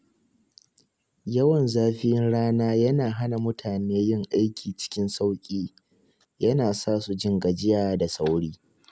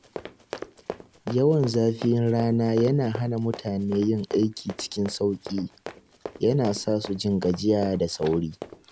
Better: first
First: none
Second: background sound (Run); 15 dB below the speech

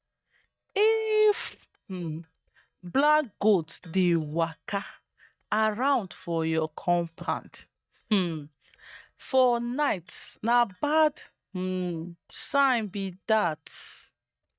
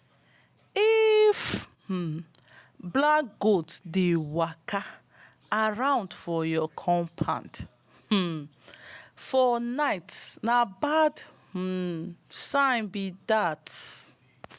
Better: second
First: noise reduction (neural mask model DeepFilterNet 3)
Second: none

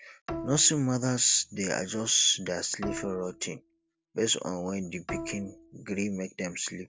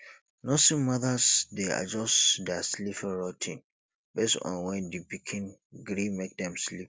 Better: second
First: background sound (Bowed string instrument); 13 dB below the speech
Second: none

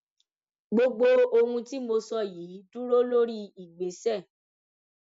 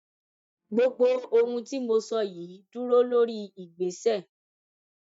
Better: first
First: none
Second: noise reduction (neural mask model DeepFilterNet 3)

